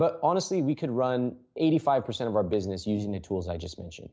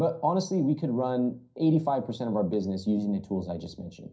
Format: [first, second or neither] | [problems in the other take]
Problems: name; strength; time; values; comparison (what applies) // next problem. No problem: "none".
first | room echo; dies away in 0.3 s